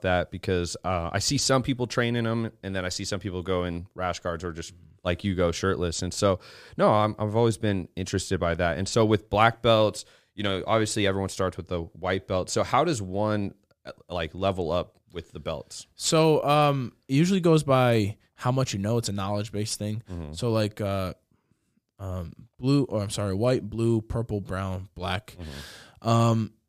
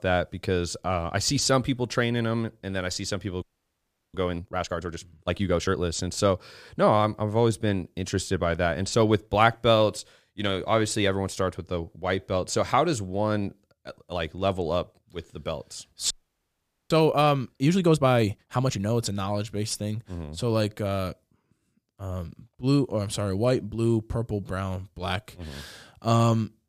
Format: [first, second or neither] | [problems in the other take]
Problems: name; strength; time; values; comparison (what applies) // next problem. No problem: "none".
first | audio freezing; at 3.5 s for 0.5 s and at 16 s for 1 s